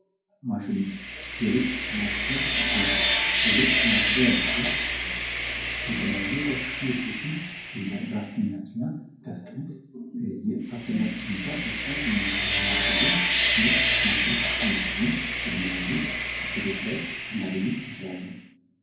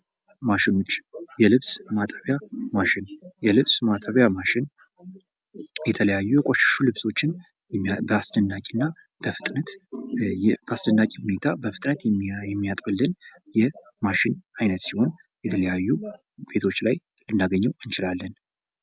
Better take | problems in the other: second | background sound (Sawing); 3 dB above the speech // room echo; dies away in 0.9 s

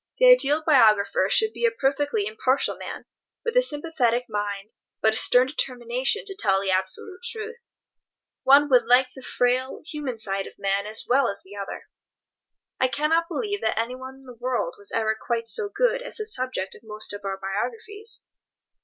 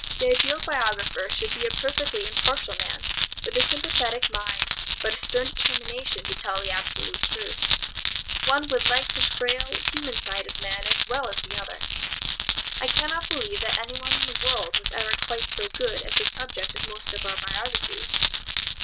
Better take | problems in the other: first | background sound (Glass); 4 dB above the speech

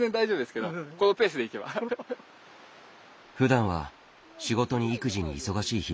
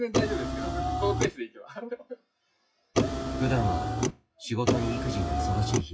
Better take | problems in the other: first | noise reduction (classical method WPE with log-MMSE)

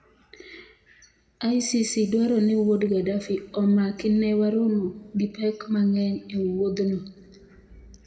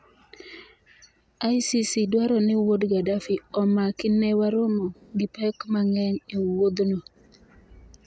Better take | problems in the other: second | room echo; dies away in 1.6 s

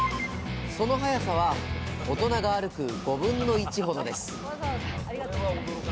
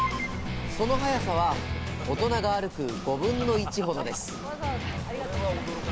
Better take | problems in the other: first | background sound (Waves, surf); 12 dB below the speech

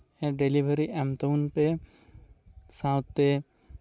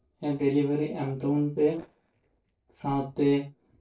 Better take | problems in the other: first | noise reduction (neural separator model SepFormer DNS4)

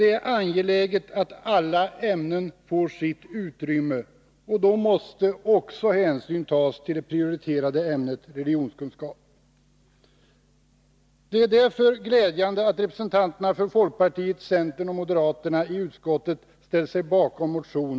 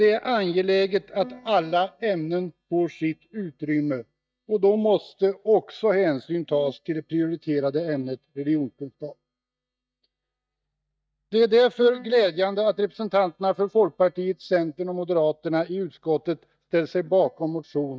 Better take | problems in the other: first | noise reduction (neural mask model DeepFilterNet 3)

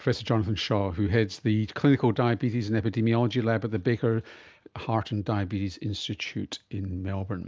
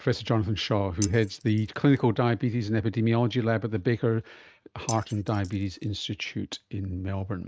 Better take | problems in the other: first | noise reduction (neural mask model RNNoise)

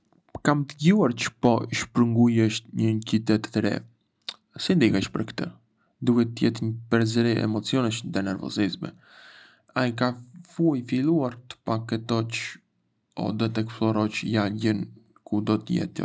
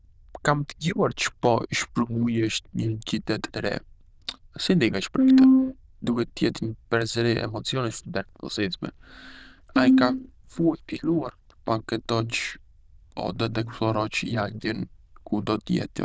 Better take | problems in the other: first | noise reduction (neural diffusion model UNIVERSE++)

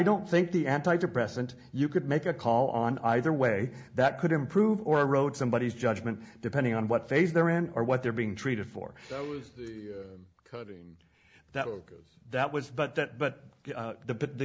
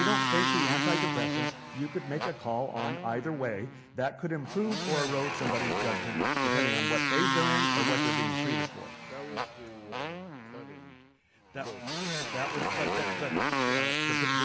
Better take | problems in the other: first | background sound (Motorcycle); 4 dB above the speech

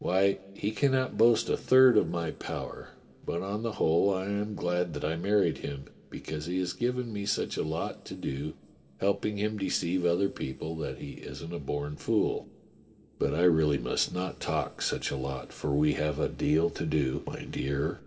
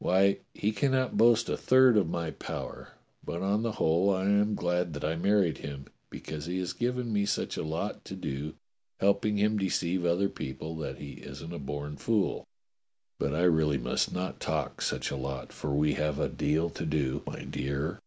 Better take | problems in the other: second | room echo; dies away in 2.1 s

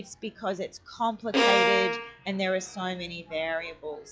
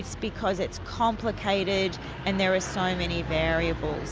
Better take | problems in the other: second | noise reduction (classical method log-MMSE)

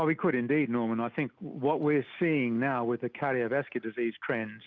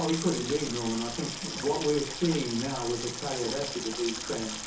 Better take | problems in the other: first | background sound (Sink (filling or washing) / Water tap, faucet); 6 dB below the speech // room echo; dies away in 0.7 s

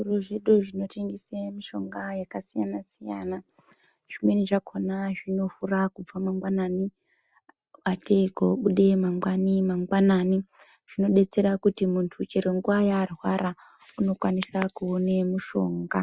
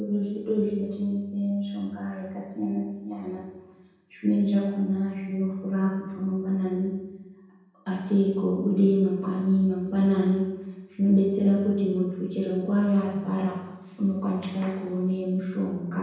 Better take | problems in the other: first | room echo; dies away in 0.9 s

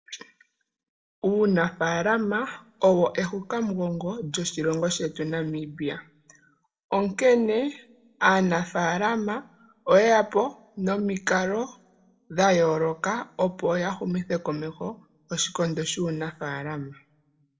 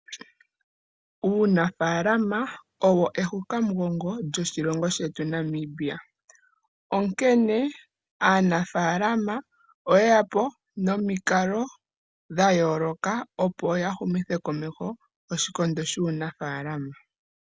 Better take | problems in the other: second | room echo; dies away in 0.3 s

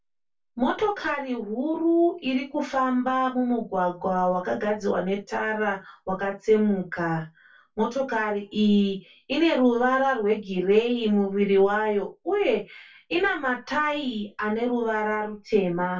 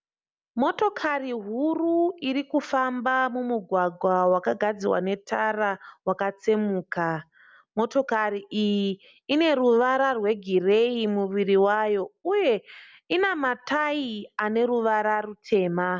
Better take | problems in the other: second | room echo; dies away in 0.1 s

